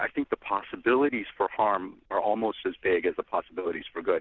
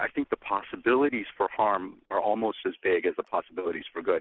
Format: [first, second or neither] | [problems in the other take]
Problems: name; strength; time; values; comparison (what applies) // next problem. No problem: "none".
first | noise reduction (neural mask model Resemble Enhance denoiser)